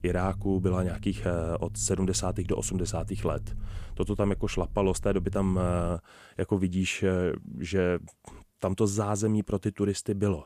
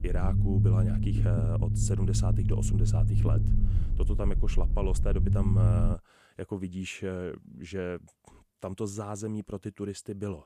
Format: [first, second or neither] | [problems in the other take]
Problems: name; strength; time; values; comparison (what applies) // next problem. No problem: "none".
first | low rumble; loud; until 6 s; 2 dB below the speech; faint in the first